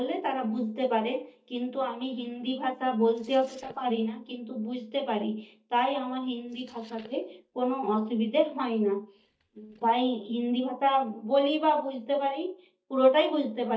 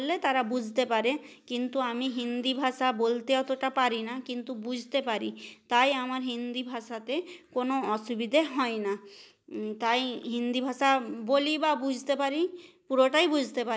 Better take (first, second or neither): second